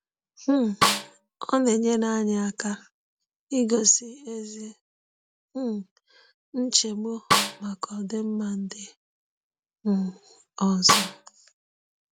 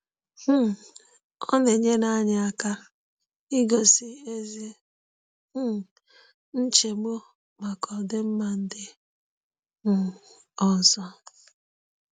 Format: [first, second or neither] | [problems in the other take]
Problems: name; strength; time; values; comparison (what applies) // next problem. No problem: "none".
second | background sound (Snare drum); 3 dB above the speech